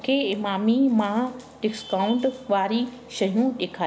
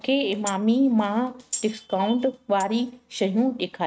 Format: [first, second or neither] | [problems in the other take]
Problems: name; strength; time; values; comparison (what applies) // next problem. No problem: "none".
first | noise reduction (neural mask model RNNoise)